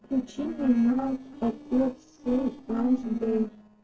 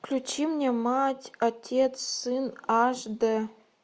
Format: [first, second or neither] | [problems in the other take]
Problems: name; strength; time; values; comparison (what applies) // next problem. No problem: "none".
second | noise reduction (neural separator model SepFormer DNS4)